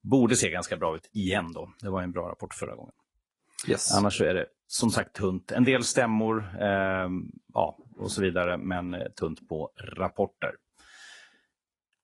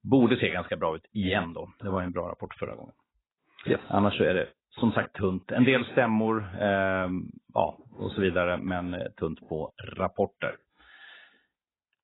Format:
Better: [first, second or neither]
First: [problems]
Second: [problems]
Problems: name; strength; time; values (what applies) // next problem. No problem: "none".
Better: first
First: garbled, watery; slightly; nothing above 10.5 kHz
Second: garbled, watery; badly; nothing above 4 kHz